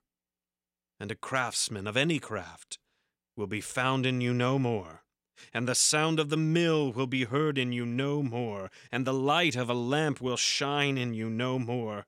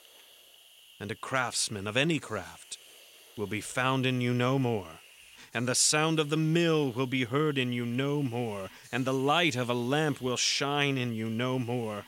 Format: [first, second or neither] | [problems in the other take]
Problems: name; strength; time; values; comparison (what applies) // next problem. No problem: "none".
first | hiss; faint; throughout; 25 dB below the speech